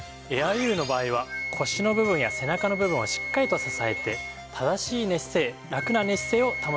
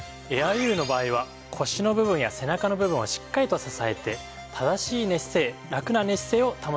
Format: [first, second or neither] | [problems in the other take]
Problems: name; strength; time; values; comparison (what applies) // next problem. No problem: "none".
second | background sound (Wind instrument, woodwind instrument); 8 dB below the speech